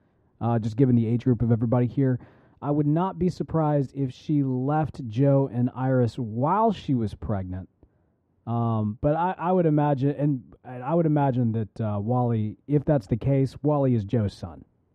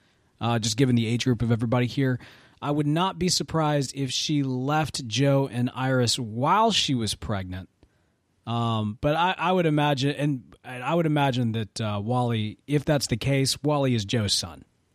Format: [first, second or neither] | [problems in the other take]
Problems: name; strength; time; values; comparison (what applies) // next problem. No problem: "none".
second | muffled; very; fading above 2 kHz